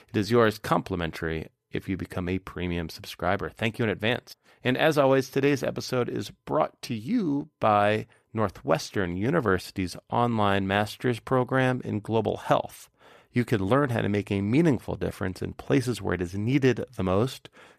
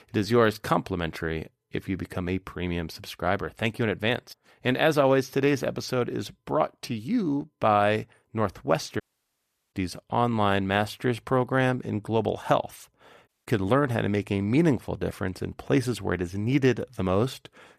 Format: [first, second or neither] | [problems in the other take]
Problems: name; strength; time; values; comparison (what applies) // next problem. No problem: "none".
first | audio cutting out; at 9 s for 0.5 s and at 13 s